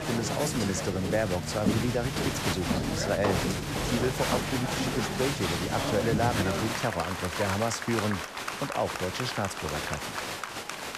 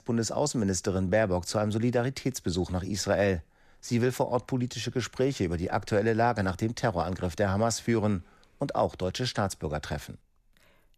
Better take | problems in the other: second | crowd noise; very loud; throughout; as loud as the speech

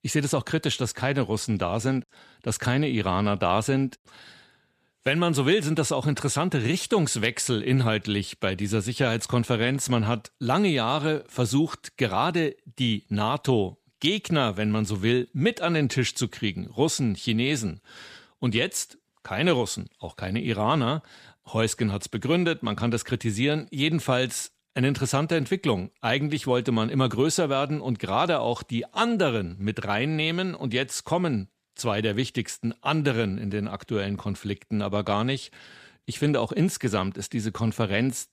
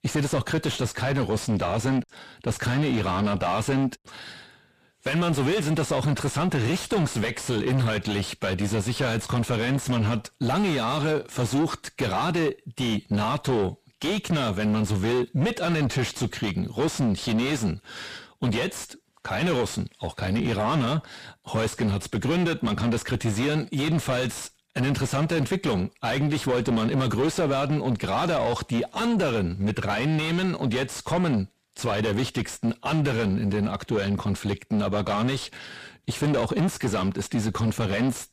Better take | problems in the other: first | distortion; heavy; 5 dB below the speech

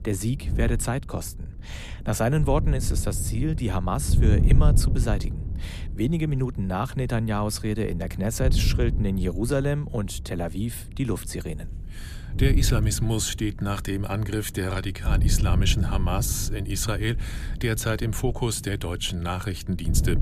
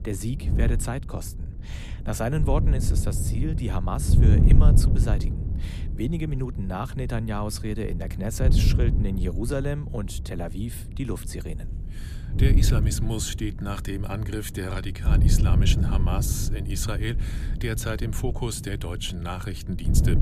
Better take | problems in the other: first | wind noise on the microphone; heavy; 6 dB below the speech; occasional gusts in the first

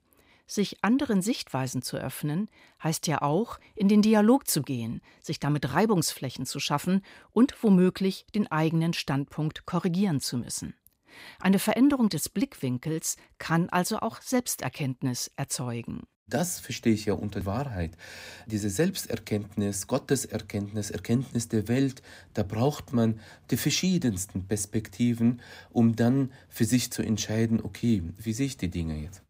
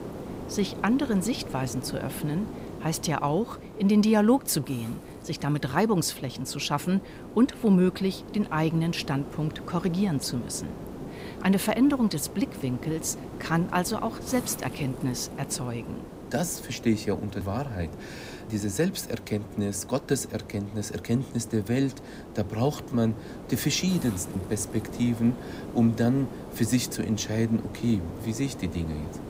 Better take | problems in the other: first | hiss; noticeable; throughout; 10 dB below the speech

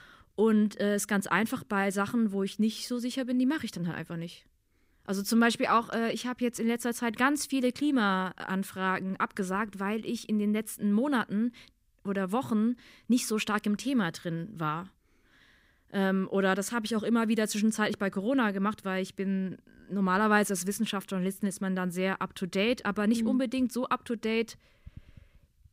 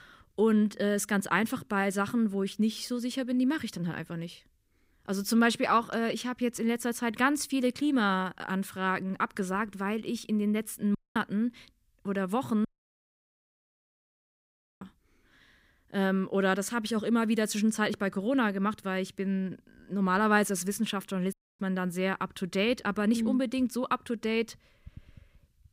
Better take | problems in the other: first | audio cutting out; at 11 s, at 13 s for 2 s and at 21 s

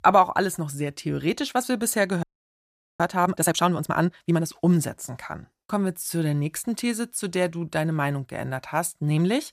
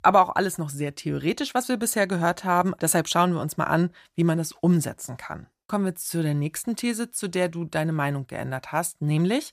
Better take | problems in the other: second | audio freezing; at 2 s for 1 s

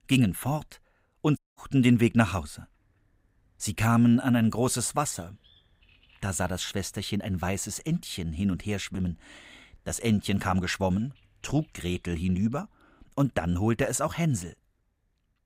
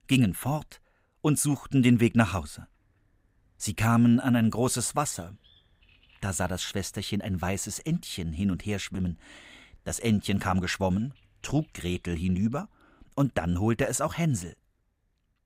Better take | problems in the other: second | audio cutting out; at 1.5 s

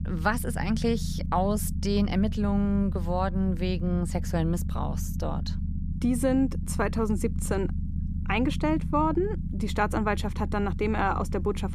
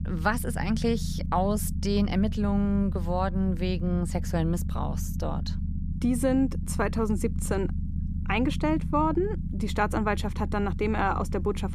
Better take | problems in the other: neither | low rumble; noticeable; throughout; 15 dB below the speech; the same in both

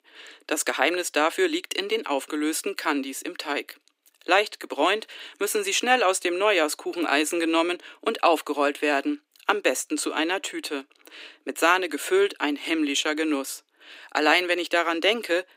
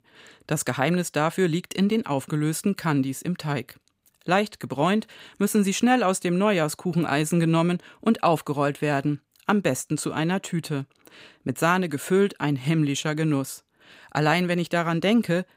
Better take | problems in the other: second | thin; somewhat; fading below 300 Hz

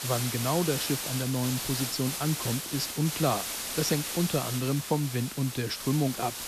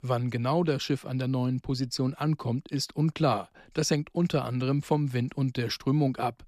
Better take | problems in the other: second | hiss; loud; throughout; 3 dB below the speech

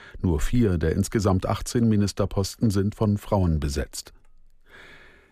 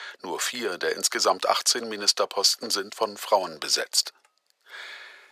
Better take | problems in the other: first | thin; very; fading below 600 Hz

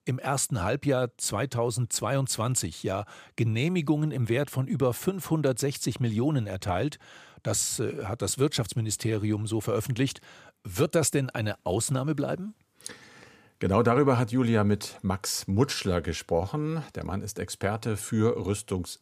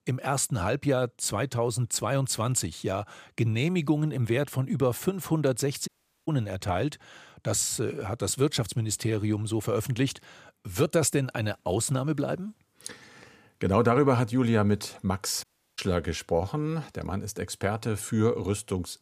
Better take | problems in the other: first | audio cutting out; at 6 s and at 15 s

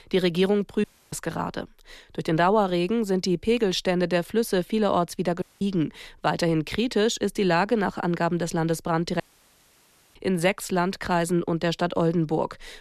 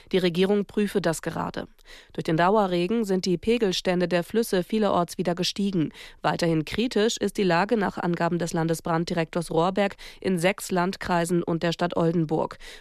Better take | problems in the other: second | audio cutting out; at 1 s, at 5.5 s and at 9 s for 1 s

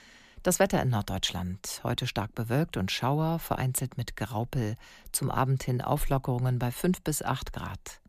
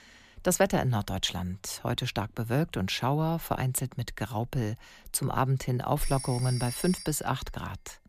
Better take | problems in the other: first | alarms or sirens; loud; throughout; 9 dB below the speech

